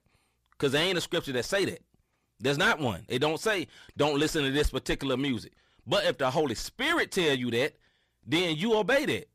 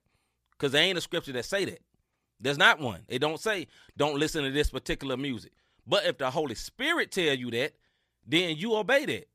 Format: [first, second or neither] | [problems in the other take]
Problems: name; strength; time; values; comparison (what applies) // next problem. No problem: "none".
second | distortion; heavy; 8 dB below the speech